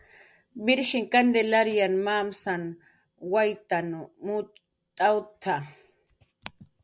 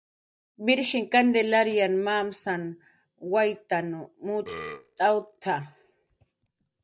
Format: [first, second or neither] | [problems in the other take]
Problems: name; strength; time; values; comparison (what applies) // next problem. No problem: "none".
first | noise reduction (neural mask model DeepFilterNet 3)